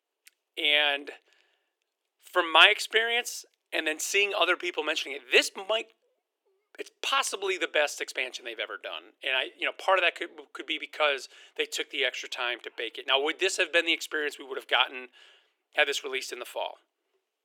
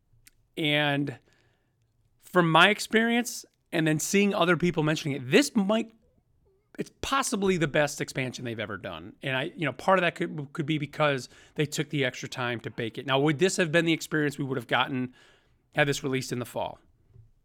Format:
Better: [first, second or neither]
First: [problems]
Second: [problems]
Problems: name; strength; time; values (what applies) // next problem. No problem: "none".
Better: second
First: thin; very; fading below 400 Hz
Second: none